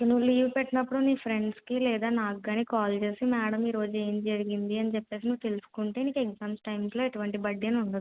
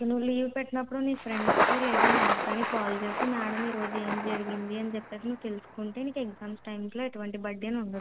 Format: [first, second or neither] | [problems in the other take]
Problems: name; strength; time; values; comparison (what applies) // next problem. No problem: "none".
first | background sound (Thunder); 1 dB above the speech